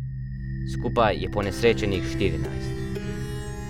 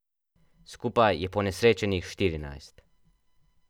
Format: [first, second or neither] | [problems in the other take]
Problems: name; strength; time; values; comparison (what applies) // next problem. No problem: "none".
second | background sound (Plucked string instrument); 2 dB below the speech